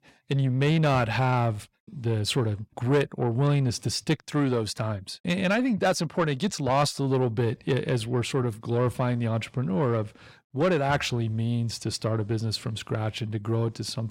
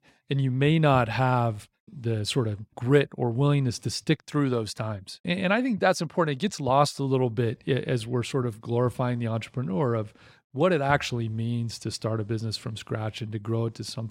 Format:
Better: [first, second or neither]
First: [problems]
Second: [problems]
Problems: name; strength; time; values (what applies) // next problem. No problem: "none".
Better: second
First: distortion; slight; 10 dB below the speech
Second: none